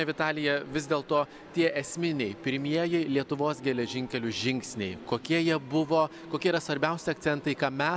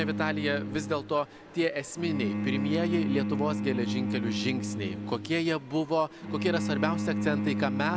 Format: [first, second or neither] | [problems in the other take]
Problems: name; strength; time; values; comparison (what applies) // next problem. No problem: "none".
first | background sound (Bowed string instrument); 2 dB below the speech